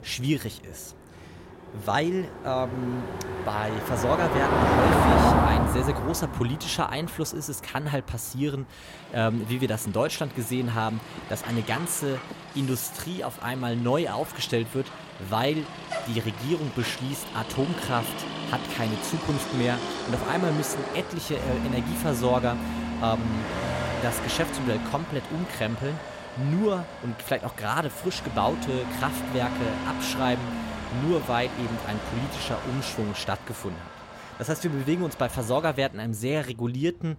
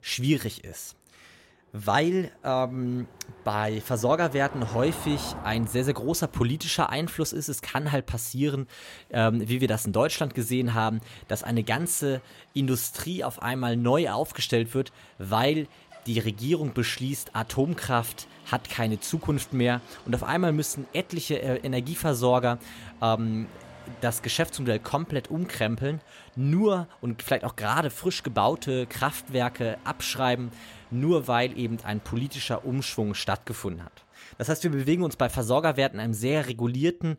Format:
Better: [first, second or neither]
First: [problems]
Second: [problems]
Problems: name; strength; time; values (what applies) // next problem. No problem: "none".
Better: second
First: traffic noise; loud; throughout; 1 dB below the speech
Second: traffic noise; faint; throughout; 20 dB below the speech